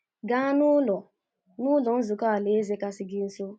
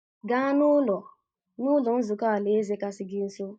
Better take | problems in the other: first | noise reduction (neural mask model DeepFilterNet 3)

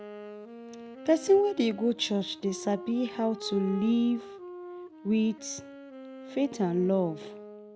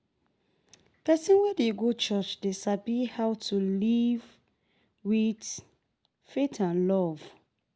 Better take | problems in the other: second | background sound (Wind instrument, woodwind instrument); 14 dB below the speech

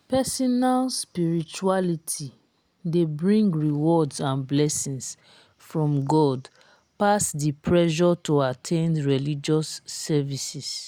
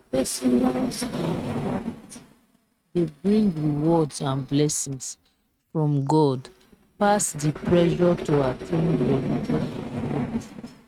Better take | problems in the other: first | noise reduction (neural mask model RNNoise)

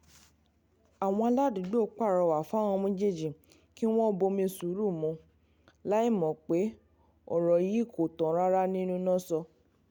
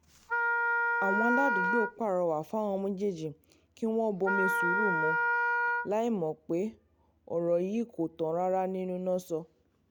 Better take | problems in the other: first | background sound (Wind instrument, woodwind instrument); 3 dB above the speech

